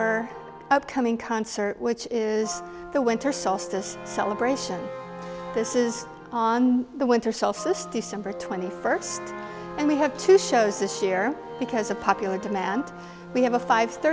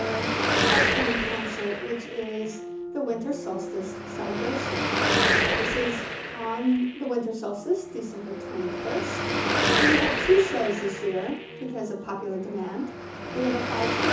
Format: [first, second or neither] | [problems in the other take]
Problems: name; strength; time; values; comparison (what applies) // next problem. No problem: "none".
first | background sound (Car passing by / Traffic noise, roadway noise / Engine); 1 dB above the speech // room echo; dies away in 0.6 s